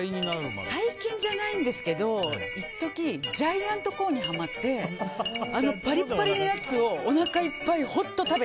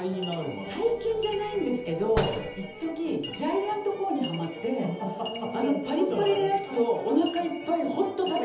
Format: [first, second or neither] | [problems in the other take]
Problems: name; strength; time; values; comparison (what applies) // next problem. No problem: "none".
first | background sound (Slam); 12 dB below the speech // room echo; dies away in 0.8 s